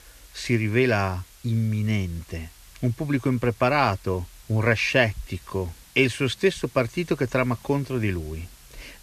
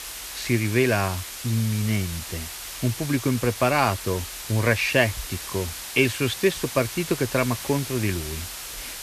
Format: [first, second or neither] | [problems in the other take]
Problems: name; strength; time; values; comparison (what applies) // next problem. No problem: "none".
first | hiss; loud; throughout; 9 dB below the speech; faint in the first